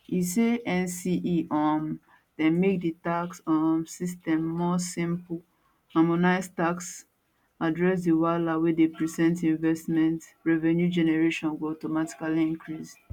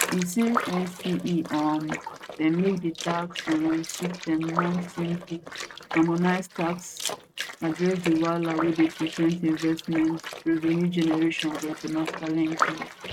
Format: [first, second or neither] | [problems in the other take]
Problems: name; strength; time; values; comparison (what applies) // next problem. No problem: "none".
first | noise reduction (neural mask model RNNoise)